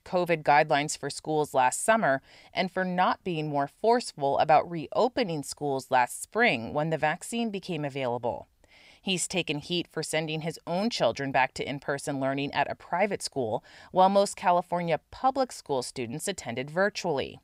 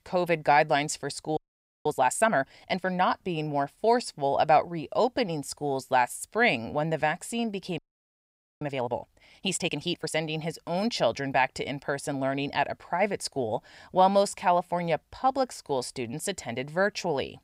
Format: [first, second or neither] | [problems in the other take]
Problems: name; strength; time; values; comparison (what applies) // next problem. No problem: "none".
first | audio freezing; at 1.5 s and at 8 s for 1 s